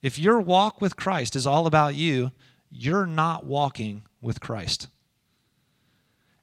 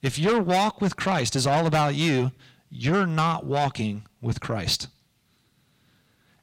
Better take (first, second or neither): first